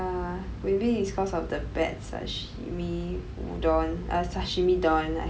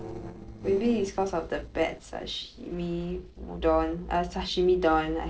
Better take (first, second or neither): first